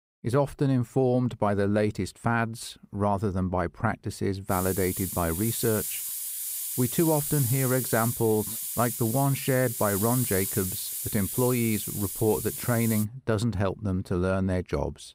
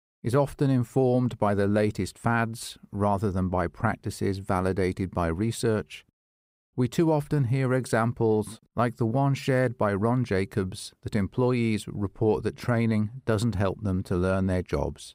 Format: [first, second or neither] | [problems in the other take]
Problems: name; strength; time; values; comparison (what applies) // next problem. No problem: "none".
second | hiss; loud; from 4.5 to 13 s; 3 dB below the speech